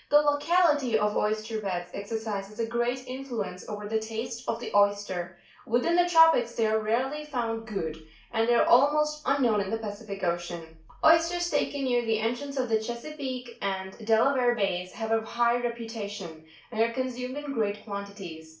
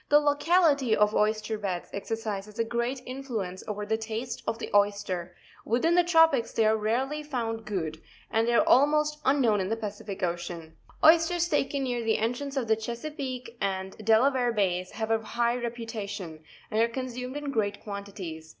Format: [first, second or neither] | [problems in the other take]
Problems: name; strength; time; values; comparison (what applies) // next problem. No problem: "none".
second | room echo; dies away in 0.3 s